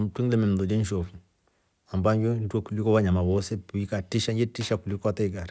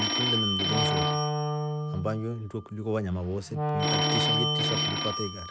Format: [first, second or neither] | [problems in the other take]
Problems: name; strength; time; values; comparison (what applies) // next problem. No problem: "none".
first | background sound (Telephone + Wind instrument, woodwind instrument); 5 dB above the speech